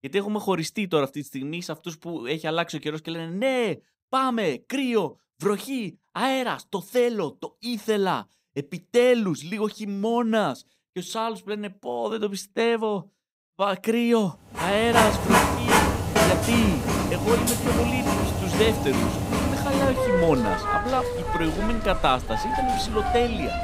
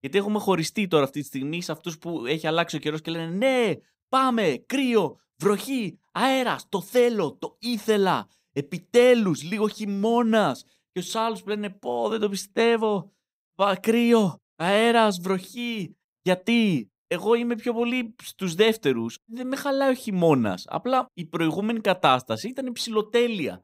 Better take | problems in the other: second | household noises; very loud; from 15 s on; 2 dB above the speech

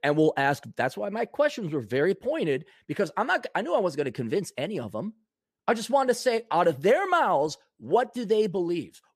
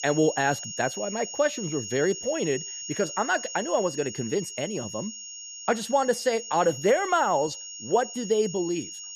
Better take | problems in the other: first | high-pitched whine; loud; throughout; 6.5 kHz, 9 dB below the speech

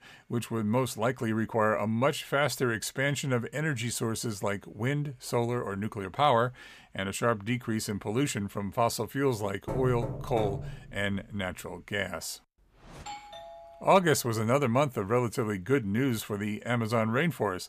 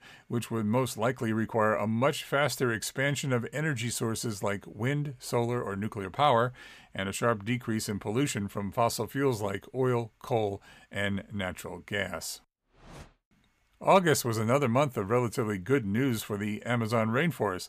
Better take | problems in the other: second | door banging; noticeable; from 9.5 to 11 s; peak 5 dB below the speech // doorbell; faint; from 13 to 14 s; peak 15 dB below the speech

